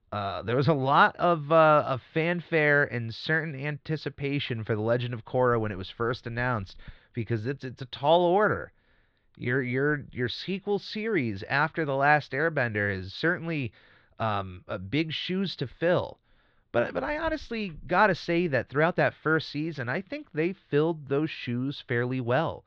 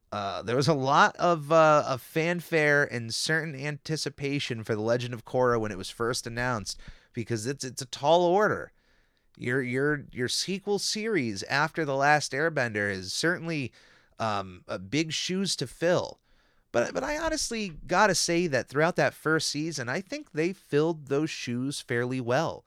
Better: second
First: muffled; slightly; fading above 3.5 kHz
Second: none

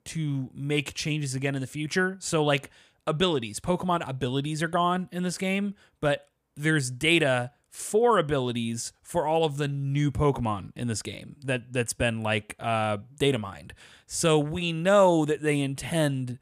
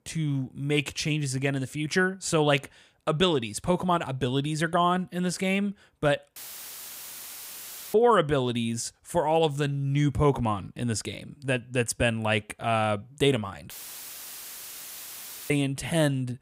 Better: first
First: none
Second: audio cutting out; filled with static; at 6.5 s for 1.5 s and at 14 s for 2 s

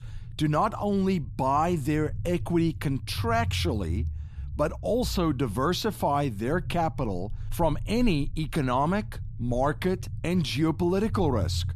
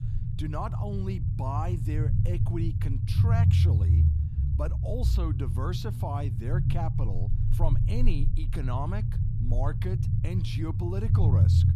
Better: first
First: low rumble; faint; throughout; 25 dB below the speech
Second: low rumble; loud; throughout; 3 dB below the speech

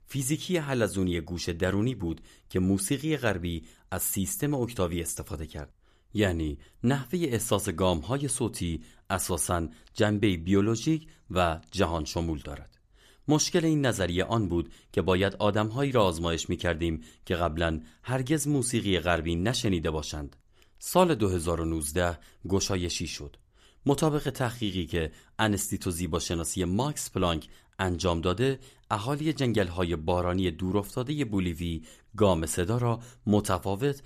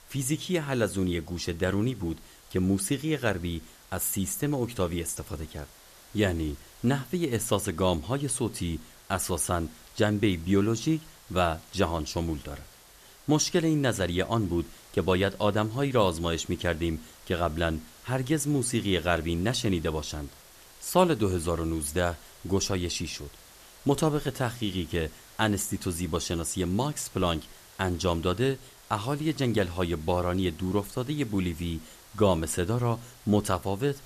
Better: first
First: none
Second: hiss; faint; throughout; 20 dB below the speech

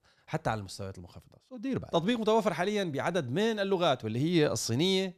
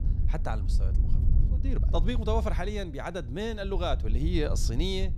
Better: first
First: none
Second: wind noise on the microphone; occasional gusts; 15 dB below the speech

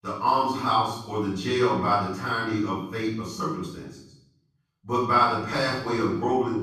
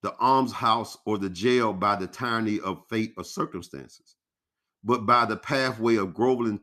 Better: second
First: room echo; noticeable; dies away in 0.7 s // off-mic speech; far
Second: none

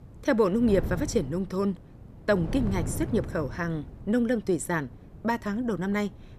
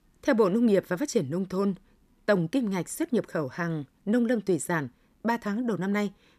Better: second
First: wind noise on the microphone; occasional gusts; 15 dB below the speech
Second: none

